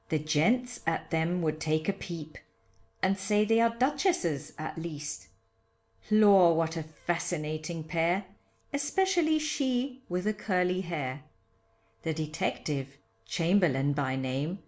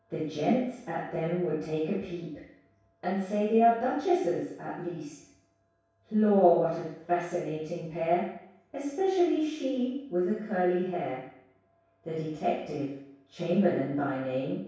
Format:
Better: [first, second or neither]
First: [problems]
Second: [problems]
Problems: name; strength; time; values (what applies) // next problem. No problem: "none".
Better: first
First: none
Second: room echo; dies away in 0.7 s